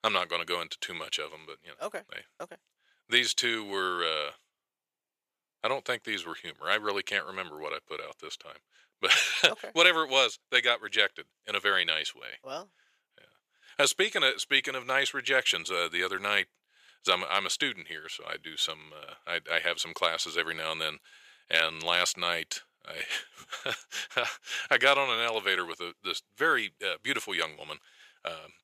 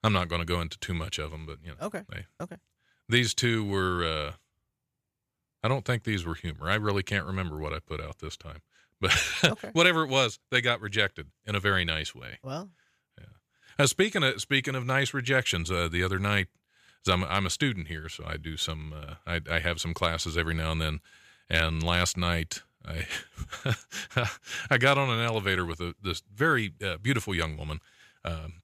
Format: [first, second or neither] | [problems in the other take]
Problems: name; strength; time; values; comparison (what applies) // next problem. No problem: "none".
second | thin; very; fading below 500 Hz